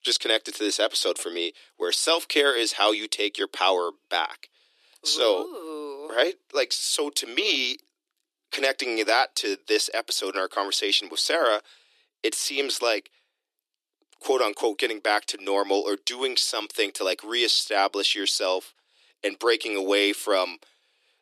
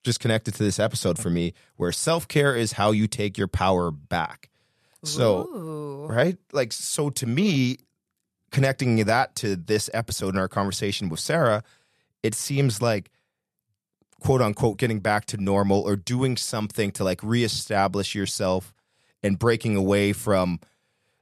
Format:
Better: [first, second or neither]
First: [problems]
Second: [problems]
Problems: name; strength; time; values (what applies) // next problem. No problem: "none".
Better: second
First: thin; very; fading below 300 Hz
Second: none